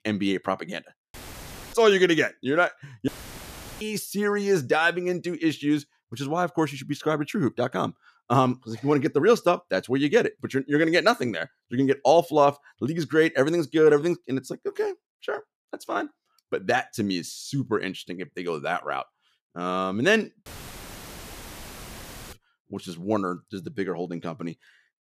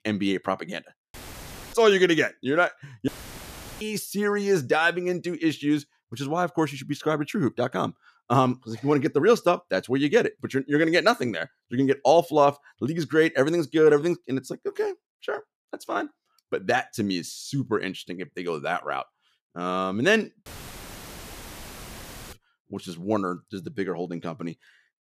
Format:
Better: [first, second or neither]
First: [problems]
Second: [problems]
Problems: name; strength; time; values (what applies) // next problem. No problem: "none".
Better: neither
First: audio cutting out; filled with static; at 1 s for 0.5 s, at 3 s for 0.5 s and at 20 s for 2 s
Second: audio cutting out; filled with static; at 1 s for 0.5 s, at 3 s for 0.5 s and at 20 s for 2 s